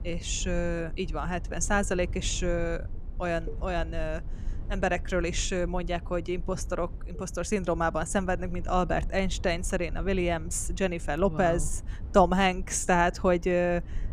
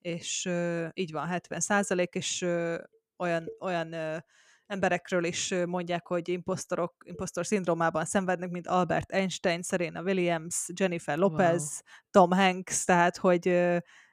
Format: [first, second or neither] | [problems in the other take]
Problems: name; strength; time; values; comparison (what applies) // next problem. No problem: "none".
second | low rumble; faint; throughout; 25 dB below the speech